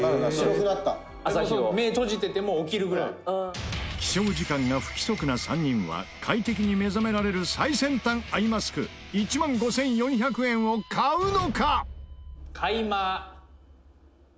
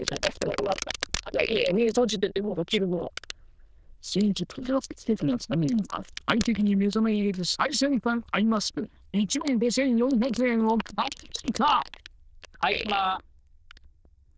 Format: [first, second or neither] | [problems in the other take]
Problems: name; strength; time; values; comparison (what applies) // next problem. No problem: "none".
first | noise reduction (neural diffusion model UNIVERSE++)